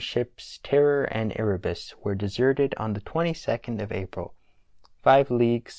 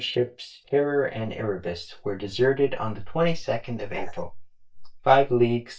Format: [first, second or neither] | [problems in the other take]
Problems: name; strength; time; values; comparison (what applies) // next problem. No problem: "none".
first | noise reduction (neural mask model DeepFilterNet 3)